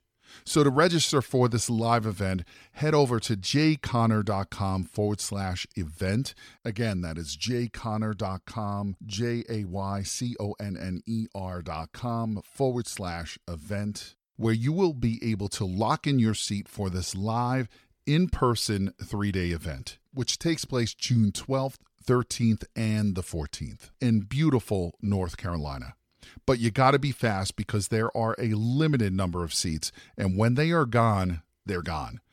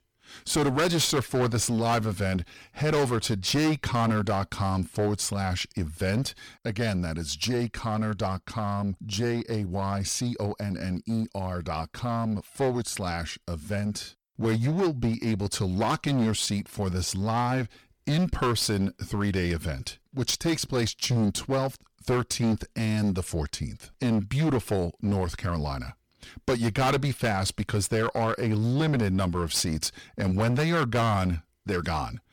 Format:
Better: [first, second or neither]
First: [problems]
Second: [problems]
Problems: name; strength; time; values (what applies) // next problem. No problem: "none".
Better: first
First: none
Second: distortion; heavy; 13% of the sound clipped